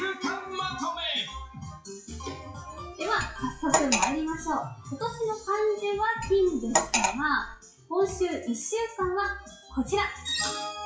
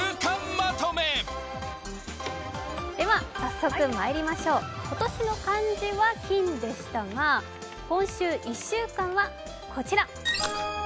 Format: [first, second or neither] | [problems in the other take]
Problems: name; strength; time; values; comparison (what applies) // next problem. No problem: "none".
second | noise reduction (classical method WPE with log-MMSE)